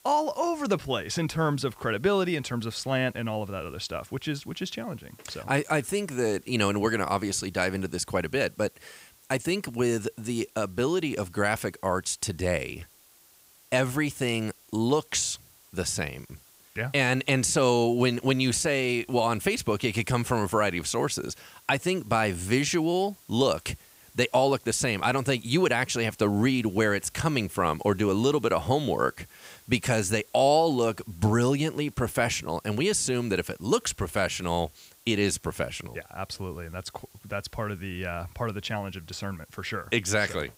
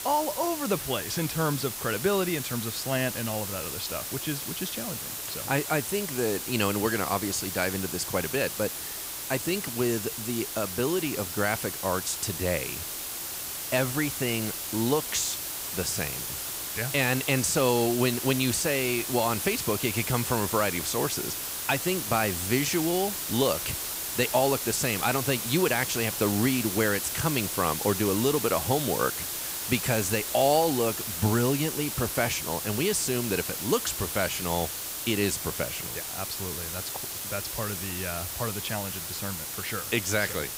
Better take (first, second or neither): first